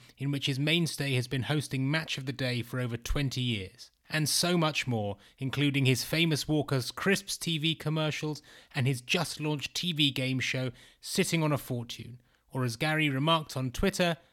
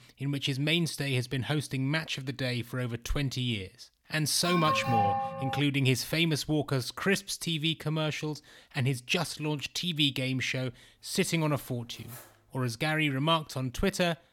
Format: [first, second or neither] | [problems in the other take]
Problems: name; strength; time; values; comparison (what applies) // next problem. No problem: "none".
first | alarm; loud; from 4.5 to 5.5 s; peak 2 dB above the speech // clattering dishes; faint; from 11 to 13 s; peak 20 dB below the speech